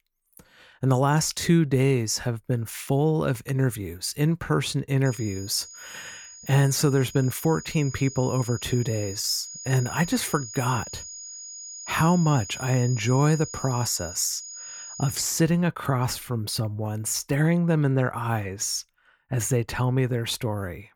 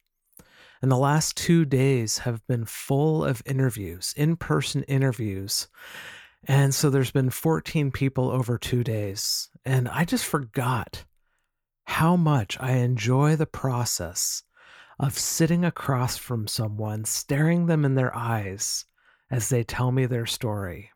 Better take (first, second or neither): second